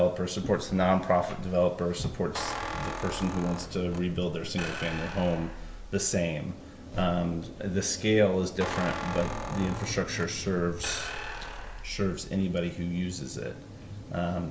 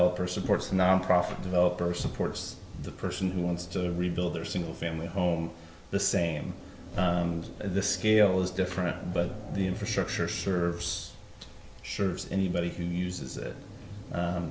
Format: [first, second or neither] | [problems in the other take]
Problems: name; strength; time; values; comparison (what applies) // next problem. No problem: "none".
second | background sound (Squeak); 8 dB below the speech